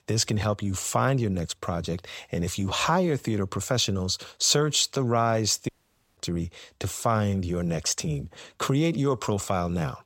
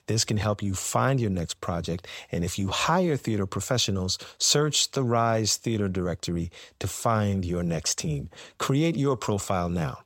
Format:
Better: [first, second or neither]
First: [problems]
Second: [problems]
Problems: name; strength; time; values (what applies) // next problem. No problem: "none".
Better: second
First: audio cutting out; at 5.5 s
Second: none